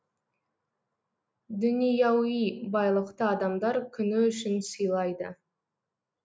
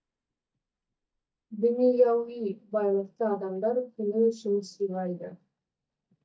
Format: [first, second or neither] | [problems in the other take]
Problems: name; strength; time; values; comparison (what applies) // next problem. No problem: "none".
first | noise reduction (neural mask model DeepFilterNet 3)